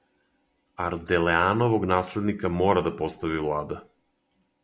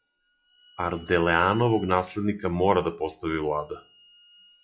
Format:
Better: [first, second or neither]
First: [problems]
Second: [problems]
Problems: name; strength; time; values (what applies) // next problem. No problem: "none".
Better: first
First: none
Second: noise reduction (classical method log-MMSE)